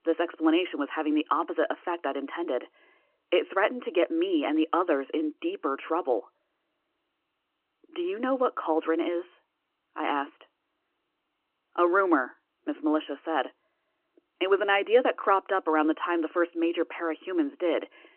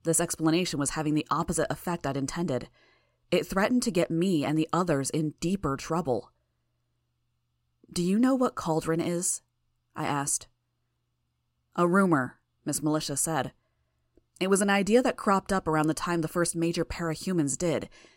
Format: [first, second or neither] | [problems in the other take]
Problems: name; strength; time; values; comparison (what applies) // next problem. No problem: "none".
second | phone-call audio